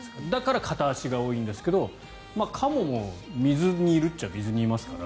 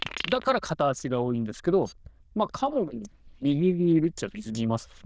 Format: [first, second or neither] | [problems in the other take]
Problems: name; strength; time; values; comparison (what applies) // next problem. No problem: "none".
first | noise reduction (neural diffusion model UNIVERSE++)